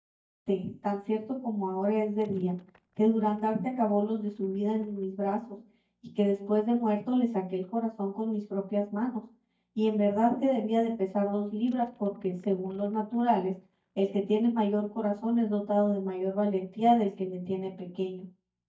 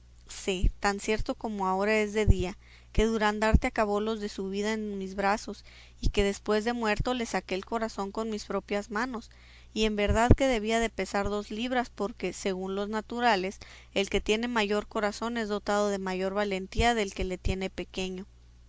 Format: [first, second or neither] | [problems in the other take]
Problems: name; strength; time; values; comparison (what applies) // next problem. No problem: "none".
second | noise reduction (neural mask model DeepFilterNet 3)